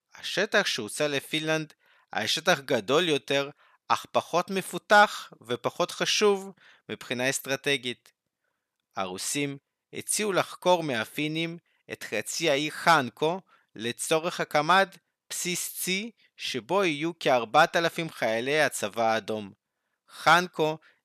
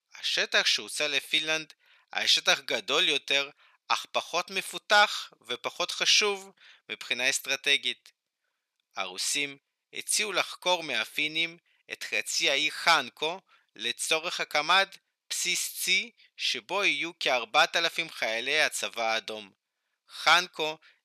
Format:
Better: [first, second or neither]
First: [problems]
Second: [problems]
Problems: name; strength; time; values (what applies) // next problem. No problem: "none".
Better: first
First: none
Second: thin; somewhat; fading below 600 Hz